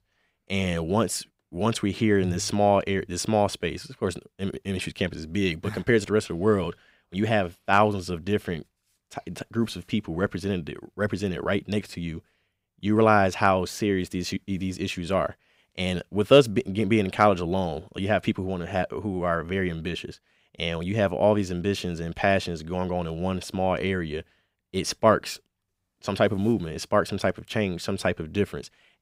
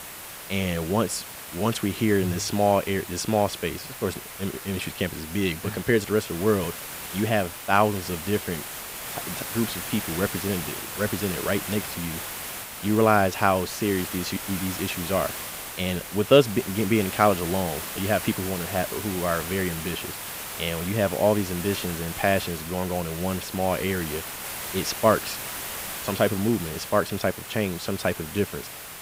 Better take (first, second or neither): first